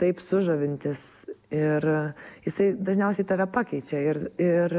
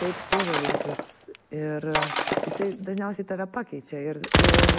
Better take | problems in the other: first | background sound (Shatter + Gunshot, gunfire); 5 dB above the speech

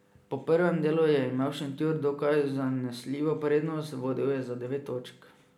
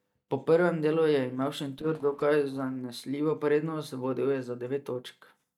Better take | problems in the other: first | noise reduction (neural mask model DeepFilterNet 3)

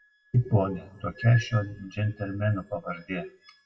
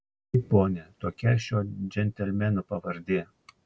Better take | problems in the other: second | noise reduction (classical method WPE with log-MMSE)

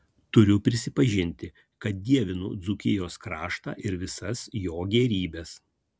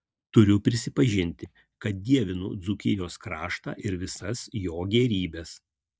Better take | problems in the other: first | noise reduction (neural mask model DeepFilterNet 3)

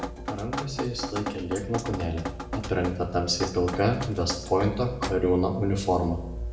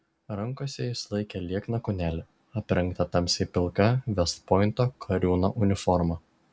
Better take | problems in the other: second | background sound (Drip); 8 dB below the speech // room echo; dies away in 0.8 s

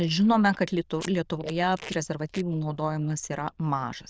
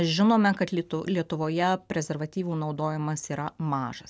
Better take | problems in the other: second | noise reduction (neural diffusion model UNIVERSE++)

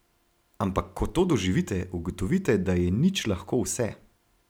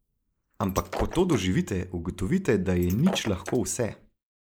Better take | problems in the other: first | noise reduction (neural mask model Resemble Enhance denoiser)

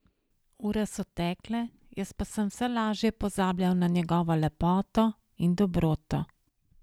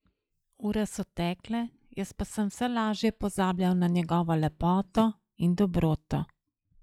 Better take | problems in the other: first | noise reduction (classical method log-MMSE)

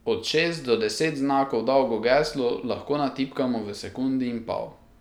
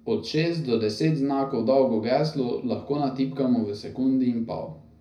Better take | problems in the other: first | room echo; dies away in 0.4 s

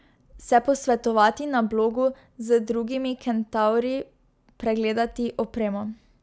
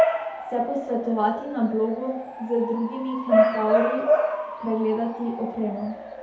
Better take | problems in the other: first | background sound (Bark / Motor vehicle (road) / Siren); 1 dB above the speech // room echo; dies away in 2.1 s

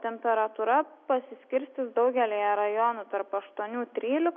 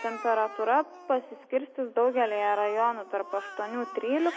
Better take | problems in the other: first | background sound (Cat); 16 dB below the speech

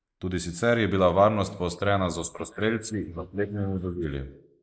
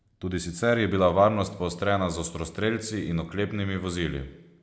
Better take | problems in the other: second | noise reduction (neural mask model Resemble Enhance denoiser)

